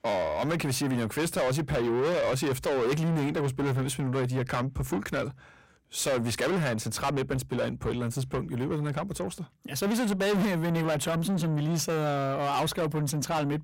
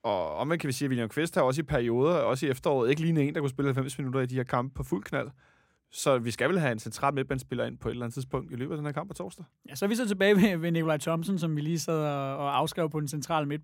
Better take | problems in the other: second | distortion; heavy; 6 dB below the speech

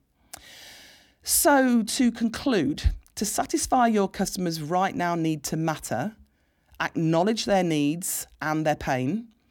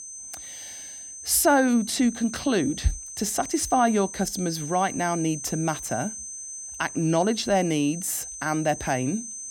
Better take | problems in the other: first | high-pitched whine; noticeable; throughout; 6 kHz, 10 dB below the speech

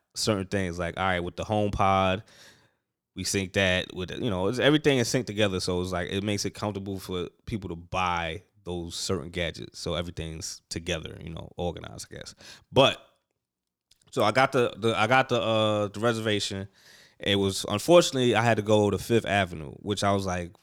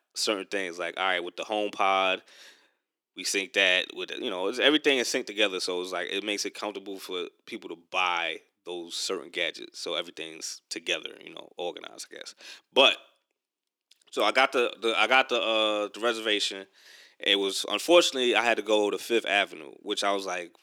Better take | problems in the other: first | thin; somewhat; fading below 300 Hz

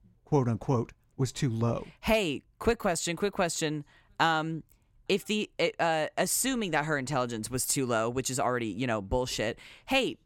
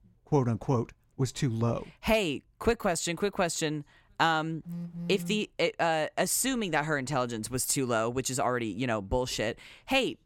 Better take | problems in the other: first | phone ringing; noticeable; at 4.5 s; peak 8 dB below the speech

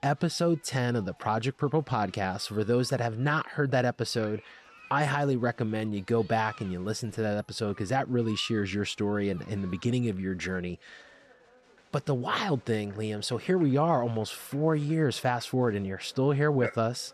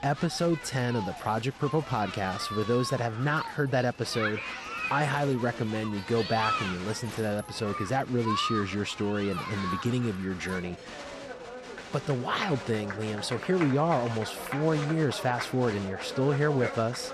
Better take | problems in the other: first | crowd noise; loud; throughout; 7 dB below the speech; faint in the first

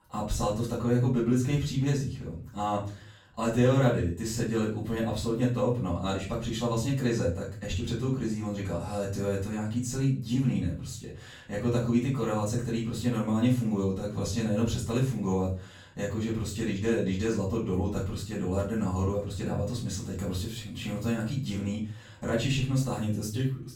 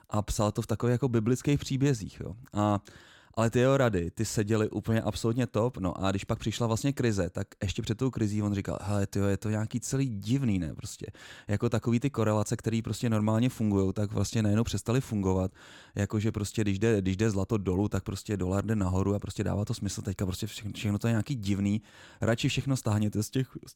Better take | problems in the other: second | off-mic speech; far // room echo; slight; dies away in 0.3 s

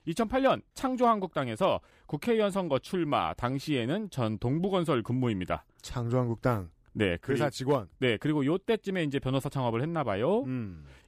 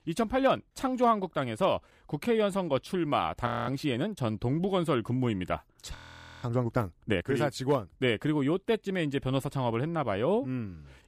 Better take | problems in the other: first | audio freezing; at 3.5 s and at 6 s

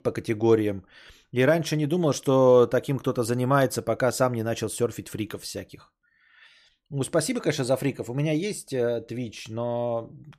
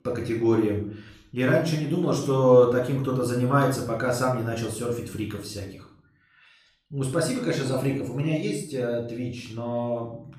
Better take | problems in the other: first | off-mic speech; somewhat distant // room echo; noticeable; dies away in 0.5 s

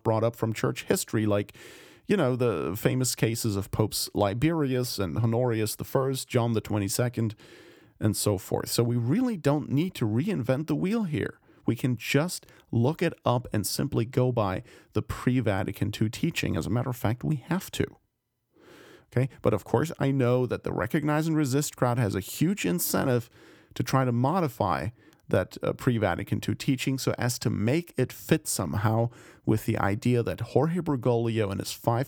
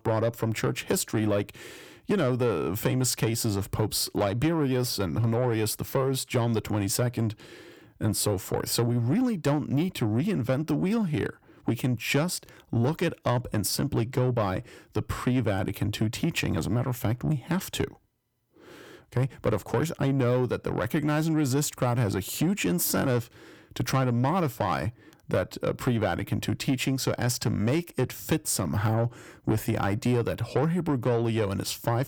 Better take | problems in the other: first | distortion; slight; 10 dB below the speech

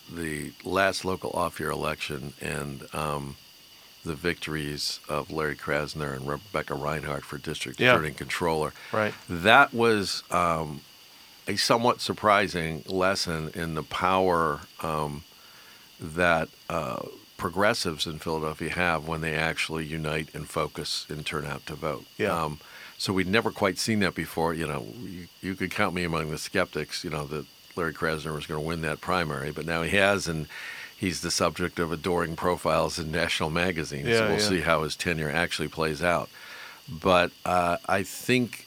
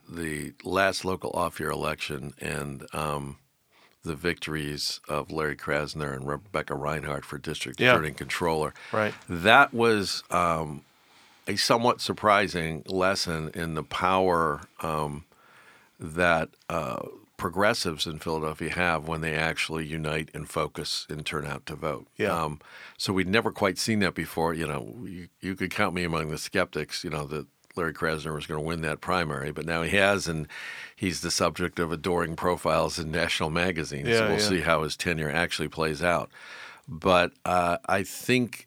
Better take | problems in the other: second | hiss; faint; throughout; 20 dB below the speech

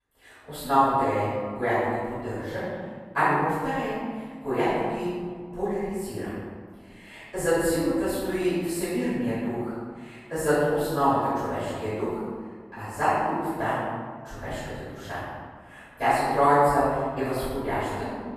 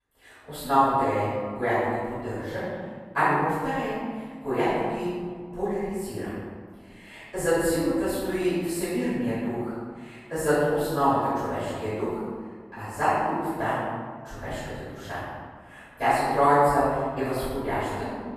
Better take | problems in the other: neither | off-mic speech; far; the same in both // room echo; strong; dies away in 1.6 s; the same in both

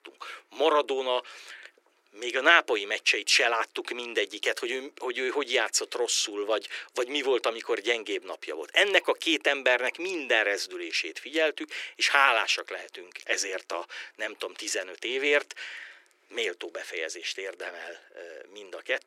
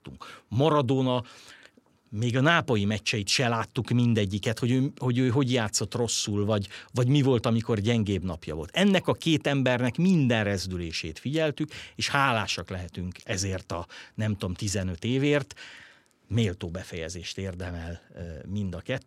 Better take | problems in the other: second | thin; very; fading below 350 Hz

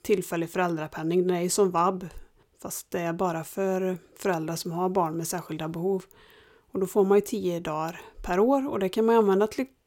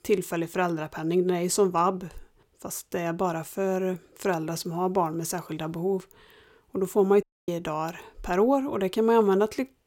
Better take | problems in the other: first | audio cutting out; at 7 s

